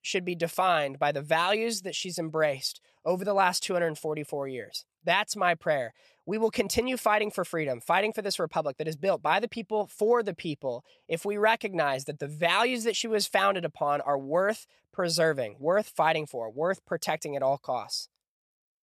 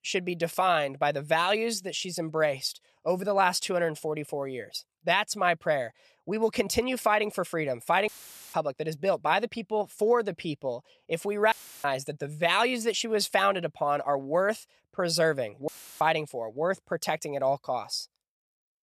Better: first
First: none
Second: audio cutting out; filled with static; at 8 s, at 12 s and at 16 s

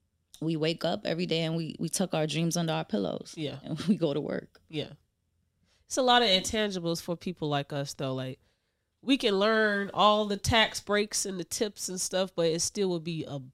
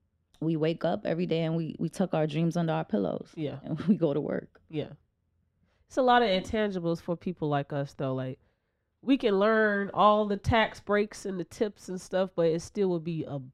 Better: first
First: none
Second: muffled; very; fading above 3 kHz

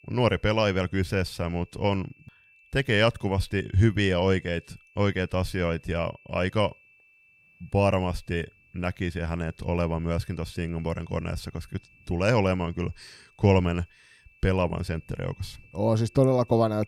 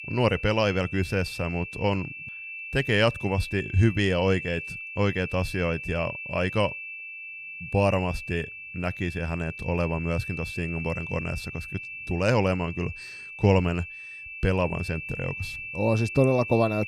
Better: first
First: high-pitched whine; faint; throughout; 2.5 kHz, 30 dB below the speech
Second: high-pitched whine; loud; throughout; 2.5 kHz, 9 dB below the speech

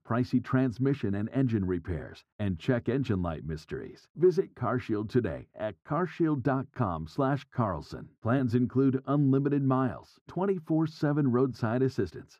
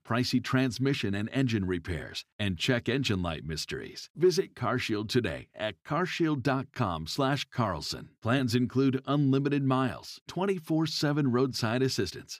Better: second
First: muffled; very; fading above 1.5 kHz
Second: none

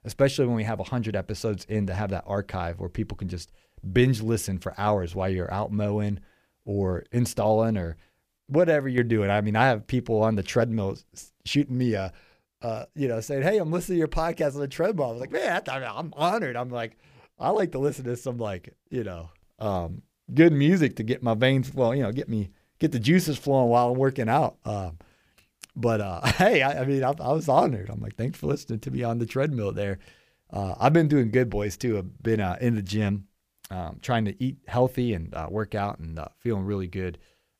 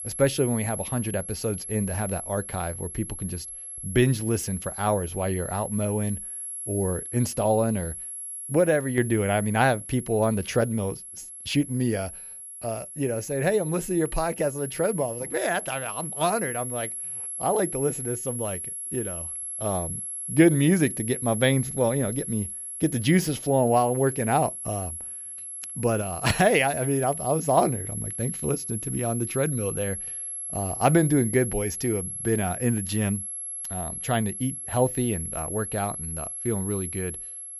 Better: first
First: none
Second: high-pitched whine; loud; throughout; 11 kHz, 7 dB below the speech

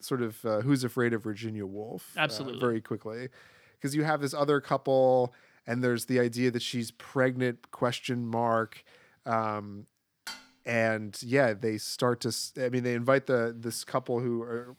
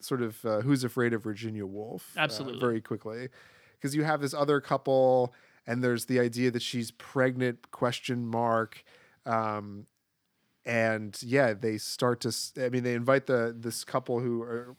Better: second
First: clattering dishes; faint; at 10 s; peak 15 dB below the speech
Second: none

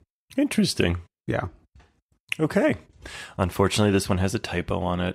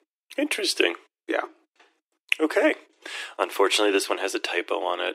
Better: first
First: none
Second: thin; very; fading below 300 Hz

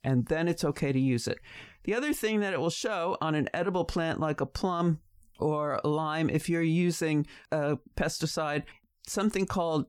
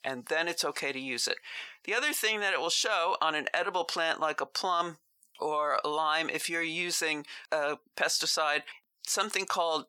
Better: first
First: none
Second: thin; very; fading below 750 Hz

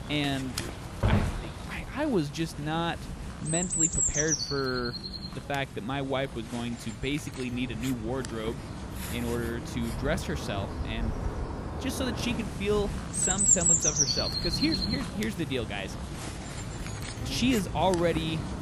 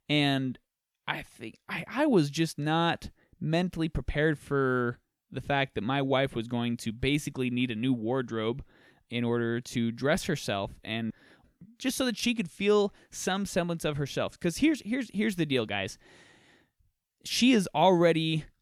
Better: second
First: animal sounds; very loud; throughout; 2 dB above the speech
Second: none

